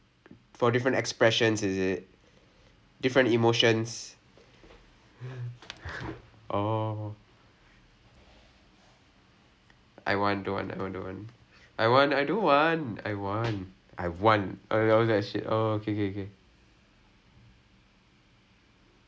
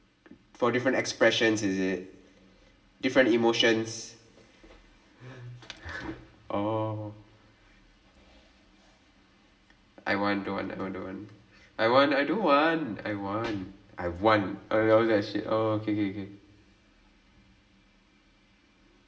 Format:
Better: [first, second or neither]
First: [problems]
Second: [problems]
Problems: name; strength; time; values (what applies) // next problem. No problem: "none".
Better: first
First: none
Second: room echo; dies away in 0.8 s